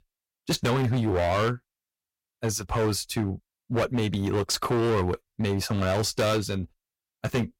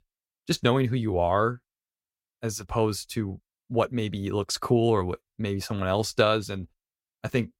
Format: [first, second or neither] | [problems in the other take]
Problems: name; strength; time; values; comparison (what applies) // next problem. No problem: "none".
second | distortion; heavy; 15% of the sound clipped